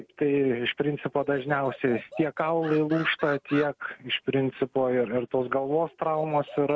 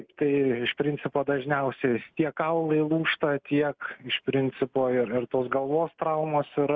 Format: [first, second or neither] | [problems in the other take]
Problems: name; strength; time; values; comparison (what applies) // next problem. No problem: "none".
second | background sound (Animal); 18 dB below the speech